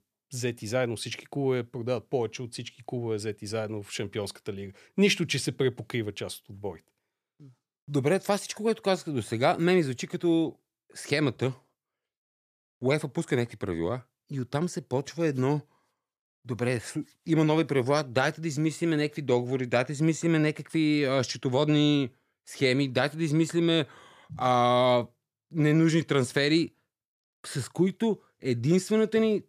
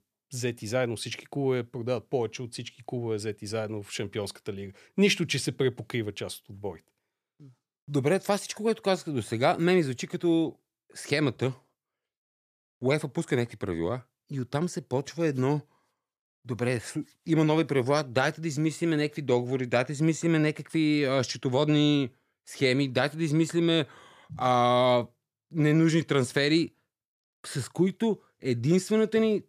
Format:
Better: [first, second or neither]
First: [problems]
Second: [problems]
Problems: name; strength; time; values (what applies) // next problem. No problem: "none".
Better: neither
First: none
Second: none